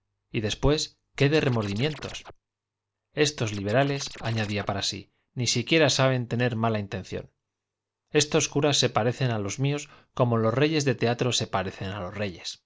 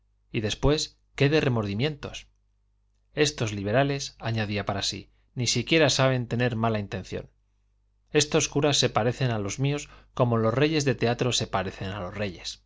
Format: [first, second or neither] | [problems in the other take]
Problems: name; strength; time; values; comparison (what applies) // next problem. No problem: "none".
second | noise reduction (neural mask model Resemble Enhance denoiser)